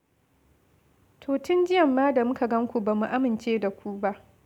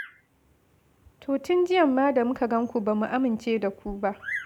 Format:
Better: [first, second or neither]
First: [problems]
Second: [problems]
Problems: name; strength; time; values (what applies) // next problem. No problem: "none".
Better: first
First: none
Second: background sound (Bird vocalization, bird call, bird song); 17 dB below the speech